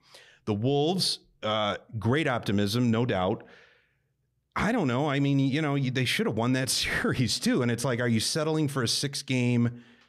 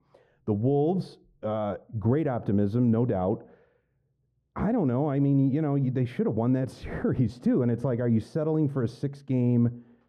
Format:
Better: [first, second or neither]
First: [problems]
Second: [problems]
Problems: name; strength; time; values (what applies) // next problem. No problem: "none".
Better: first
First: none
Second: muffled; very; fading above 1.5 kHz